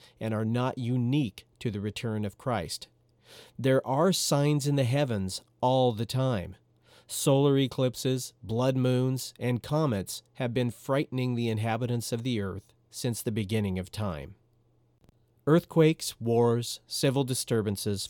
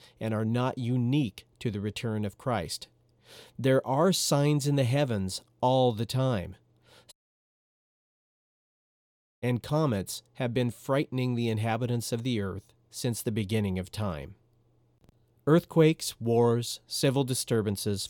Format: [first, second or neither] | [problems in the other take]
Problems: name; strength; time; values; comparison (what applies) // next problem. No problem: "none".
first | audio cutting out; at 7 s for 2.5 s